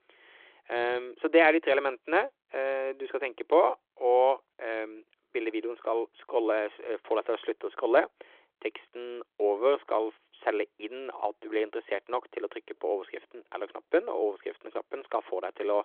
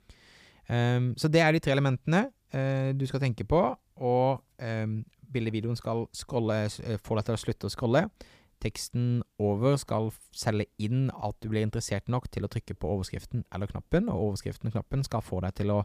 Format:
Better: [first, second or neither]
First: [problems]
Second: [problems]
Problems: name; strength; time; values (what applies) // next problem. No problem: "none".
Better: second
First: phone-call audio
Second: none